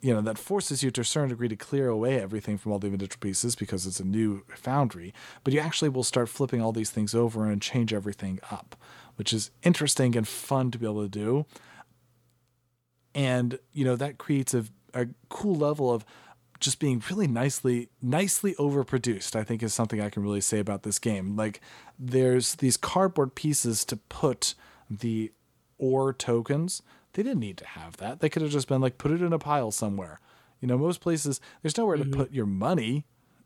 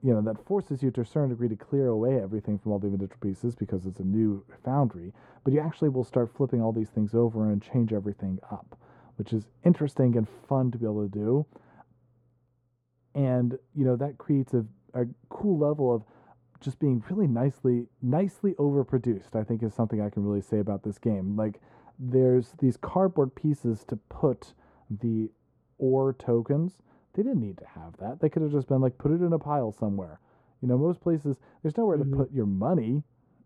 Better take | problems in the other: first | muffled; very; fading above 2 kHz

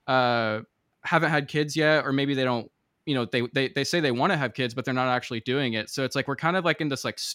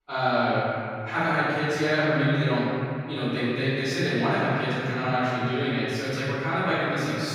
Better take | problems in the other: first | off-mic speech; far // room echo; strong; dies away in 2.9 s

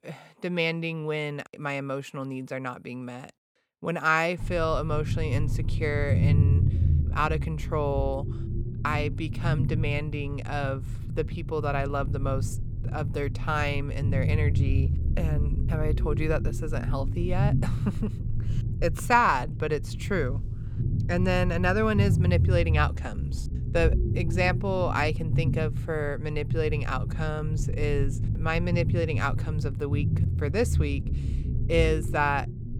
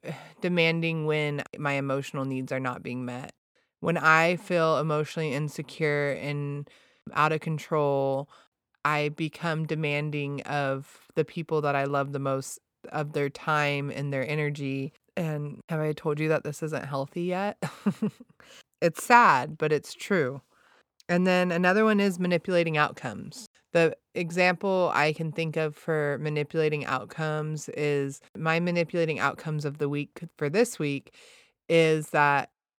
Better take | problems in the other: second | low rumble; noticeable; from 4.5 s on; 10 dB below the speech

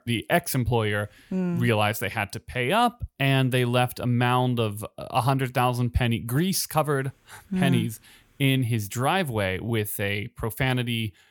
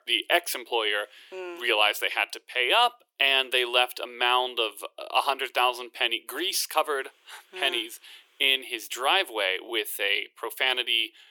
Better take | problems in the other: first | thin; very; fading below 350 Hz

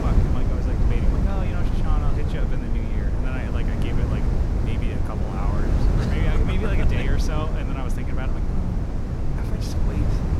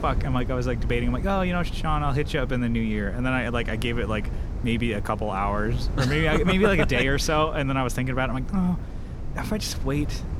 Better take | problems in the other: second | wind noise on the microphone; heavy; 1 dB above the speech; occasional gusts in the second

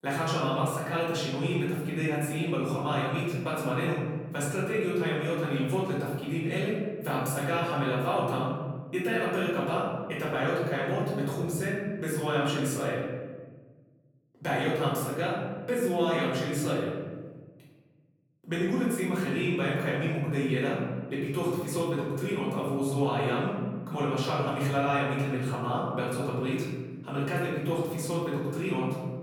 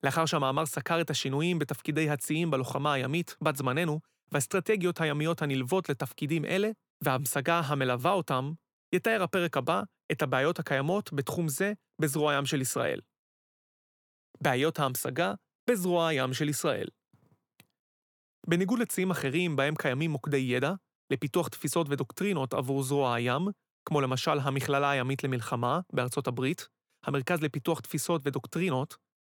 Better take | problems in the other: second | room echo; noticeable; dies away in 1.5 s // off-mic speech; far

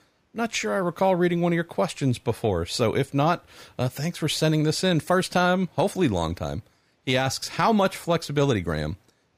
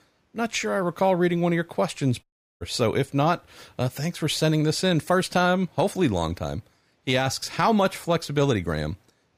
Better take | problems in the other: first | audio cutting out; at 2 s

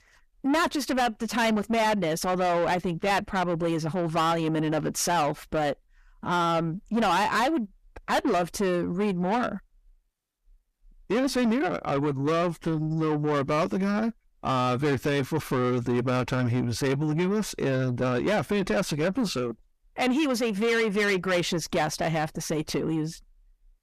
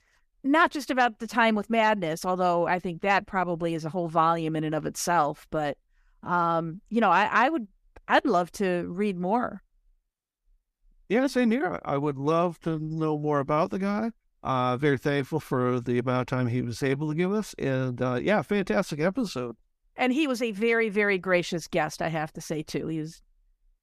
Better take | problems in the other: second | distortion; heavy; 7 dB below the speech

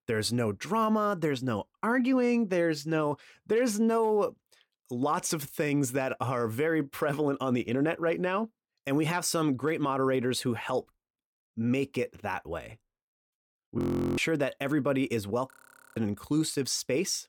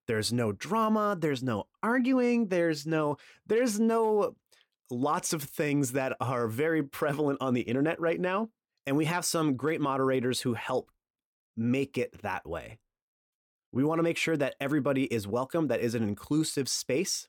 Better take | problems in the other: second | audio freezing; at 14 s and at 16 s

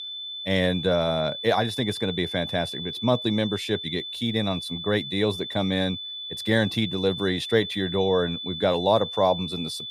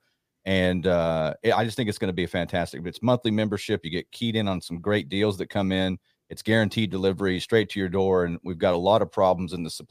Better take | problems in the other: second | high-pitched whine; loud; throughout; 3.5 kHz, 7 dB below the speech

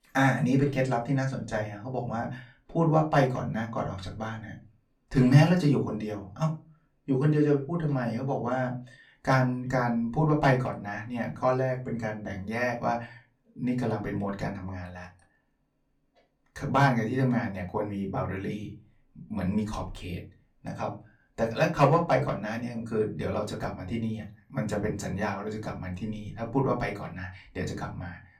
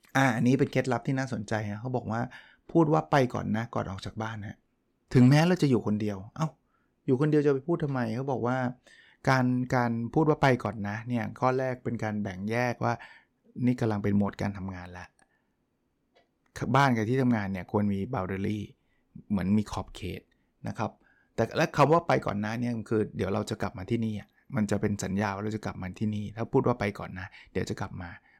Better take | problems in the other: second | off-mic speech; far // room echo; very slight; dies away in 0.2 s

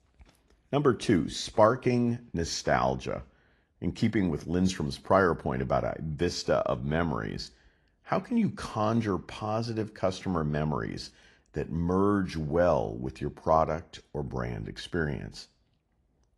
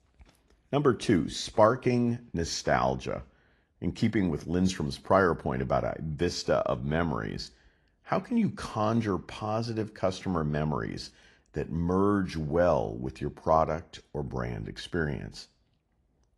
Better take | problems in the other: neither | garbled, watery; slightly; nothing above 11.5 kHz; the same in both

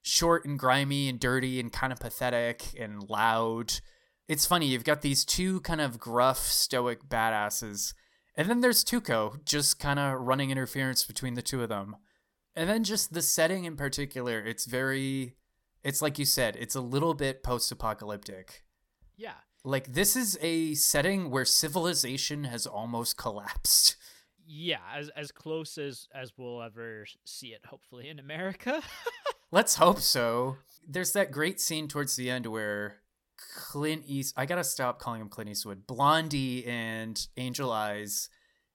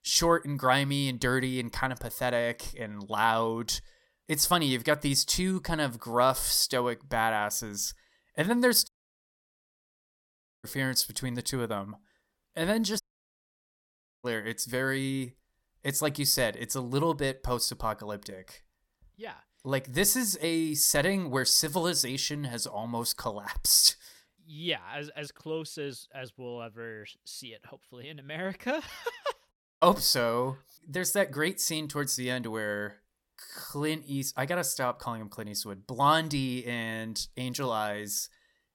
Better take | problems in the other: first | audio cutting out; at 9 s for 2 s, at 13 s for 1 s and at 30 s

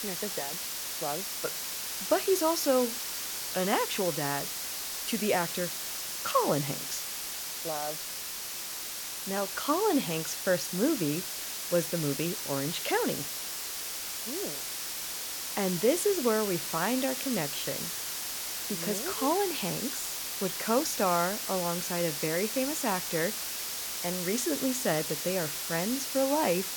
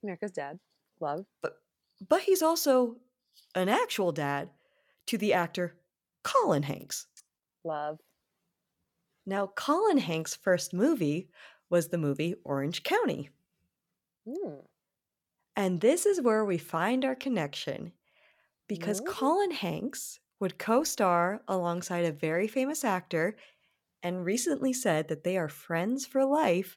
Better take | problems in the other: second | hiss; loud; throughout; 2 dB below the speech

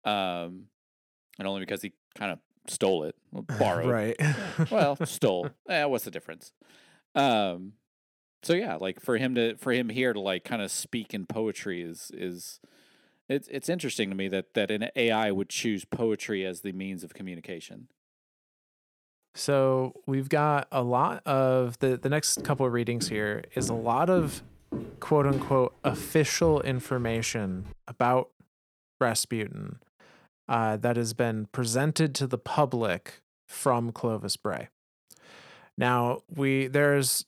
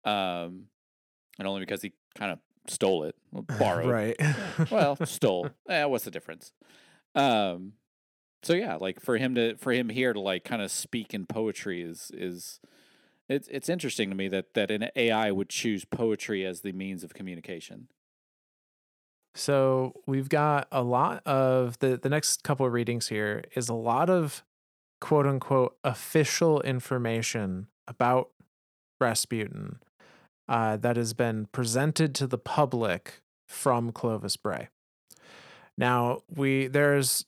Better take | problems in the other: second | footsteps; noticeable; from 22 to 28 s; peak 8 dB below the speech

